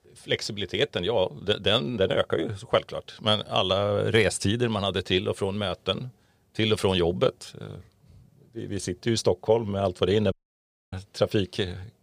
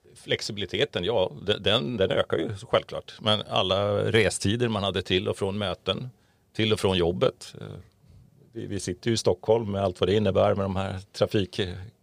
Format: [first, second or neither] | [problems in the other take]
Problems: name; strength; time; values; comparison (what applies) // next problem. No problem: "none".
second | audio cutting out; at 10 s for 0.5 s